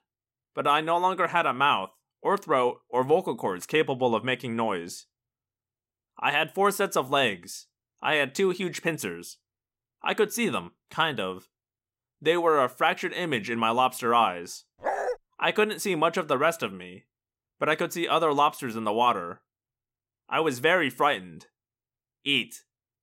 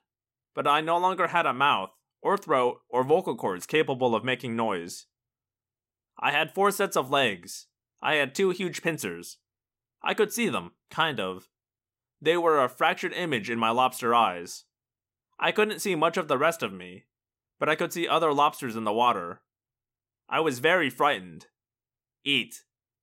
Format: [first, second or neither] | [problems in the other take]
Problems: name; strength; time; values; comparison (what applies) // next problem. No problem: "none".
second | dog barking; noticeable; at 15 s; peak 4 dB below the speech